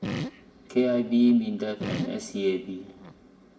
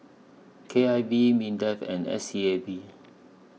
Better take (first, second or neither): second